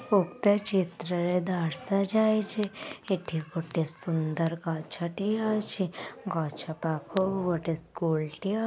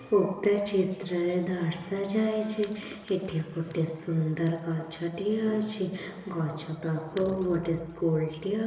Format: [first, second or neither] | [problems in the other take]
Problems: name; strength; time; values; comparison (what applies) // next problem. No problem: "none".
first | room echo; dies away in 1.3 s